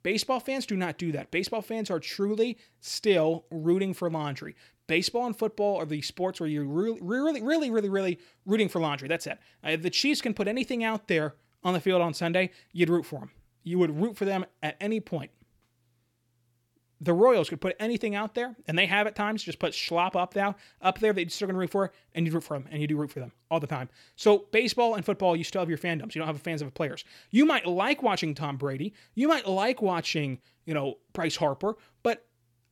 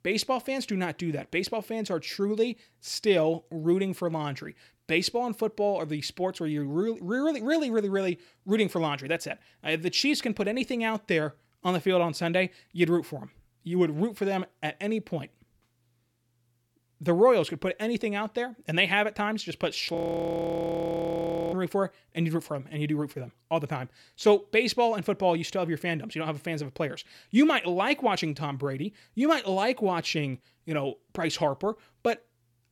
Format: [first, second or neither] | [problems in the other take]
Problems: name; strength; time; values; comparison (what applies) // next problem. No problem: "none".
first | audio freezing; at 20 s for 1.5 s